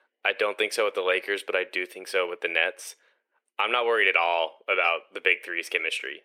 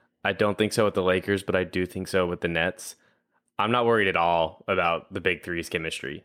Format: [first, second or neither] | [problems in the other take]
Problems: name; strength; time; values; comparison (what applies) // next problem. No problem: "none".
second | thin; very; fading below 400 Hz